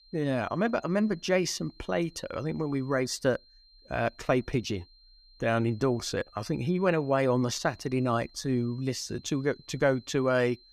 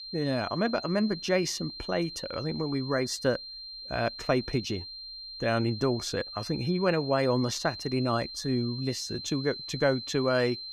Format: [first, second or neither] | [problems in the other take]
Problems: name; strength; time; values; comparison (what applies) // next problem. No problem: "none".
first | high-pitched whine; loud; throughout; 4 kHz, 9 dB below the speech; faint in the first